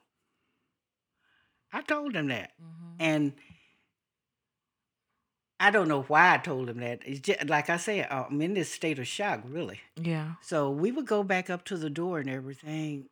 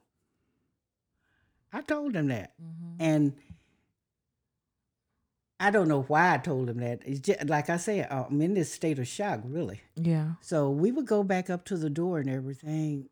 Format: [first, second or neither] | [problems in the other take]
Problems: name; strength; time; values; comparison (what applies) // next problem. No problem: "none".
second | thin; very slightly; fading below 400 Hz